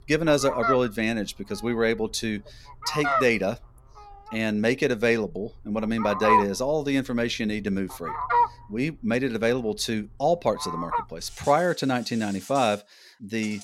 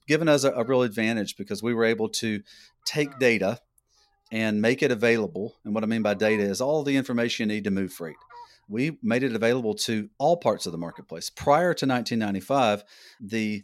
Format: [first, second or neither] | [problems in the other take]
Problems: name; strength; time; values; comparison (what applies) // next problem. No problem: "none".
second | animal sounds; loud; throughout; 2 dB below the speech; faint in the second